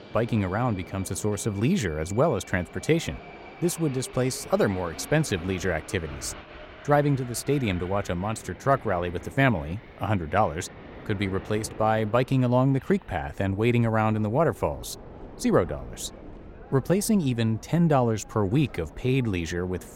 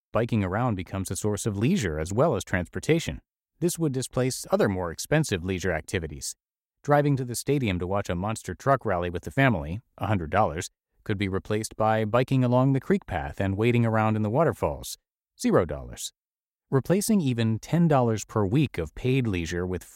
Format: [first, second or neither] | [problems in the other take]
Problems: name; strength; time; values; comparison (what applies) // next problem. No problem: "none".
second | train or aircraft noise; noticeable; throughout; 20 dB below the speech